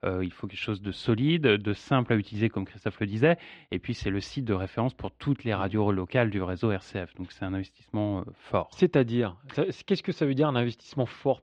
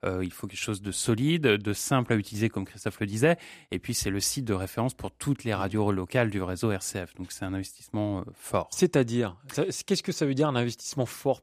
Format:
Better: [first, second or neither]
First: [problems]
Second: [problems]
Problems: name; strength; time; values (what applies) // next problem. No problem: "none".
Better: second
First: muffled; slightly; fading above 3.5 kHz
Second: none